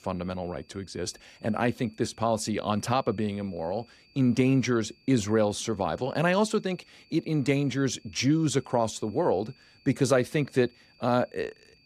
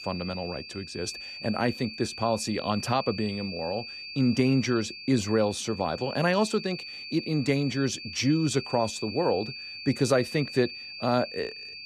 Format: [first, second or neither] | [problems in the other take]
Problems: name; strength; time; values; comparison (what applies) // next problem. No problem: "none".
first | high-pitched whine; loud; throughout; 4.5 kHz, 10 dB below the speech; faint in the first